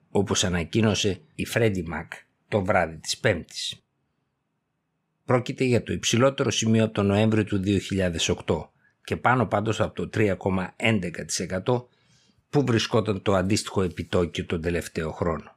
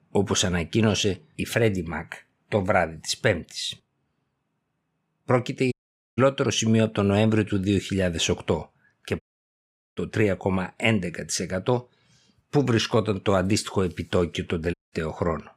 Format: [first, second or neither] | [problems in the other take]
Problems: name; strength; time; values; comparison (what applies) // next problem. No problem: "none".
first | audio cutting out; at 5.5 s, at 9 s for 1 s and at 15 s